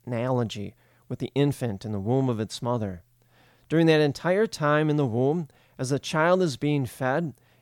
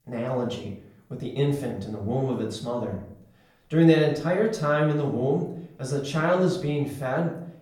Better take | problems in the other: first | off-mic speech; far // room echo; noticeable; dies away in 0.5 s

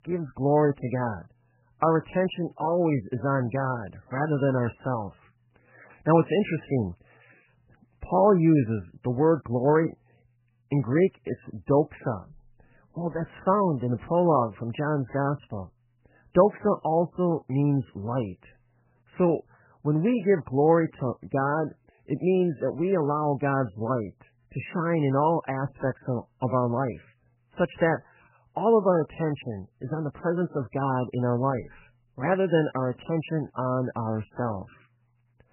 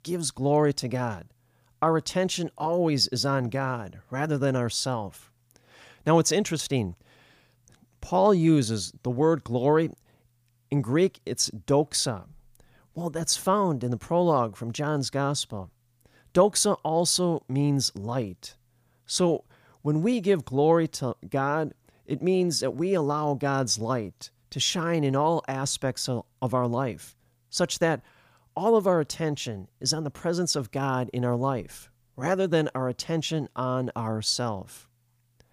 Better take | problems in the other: second | garbled, watery; badly; nothing above 3 kHz

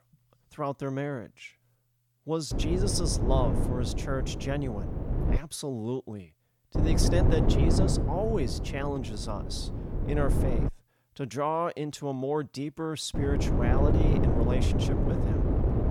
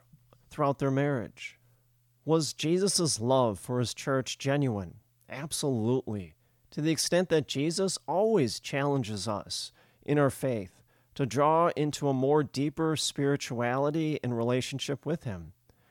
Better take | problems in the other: second | wind noise on the microphone; heavy; from 2.5 to 5.5 s, from 7 to 11 s and from 13 s on; 3 dB below the speech

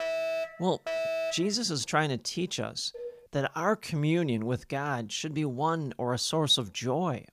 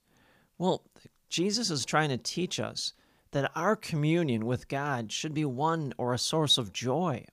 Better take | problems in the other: second | alarm; noticeable; until 1.5 s; peak 1 dB below the speech // clattering dishes; faint; at 3 s; peak 15 dB below the speech

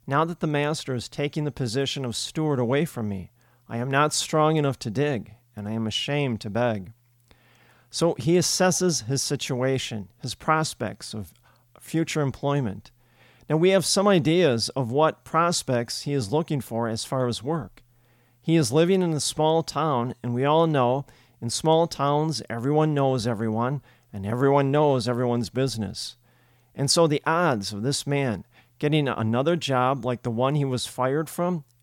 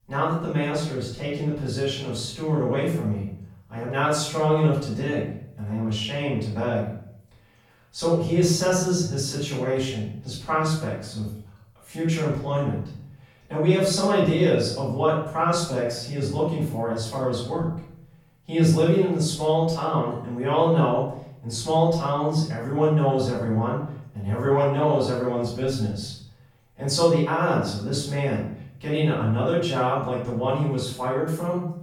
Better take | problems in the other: first | room echo; noticeable; dies away in 0.6 s // off-mic speech; far

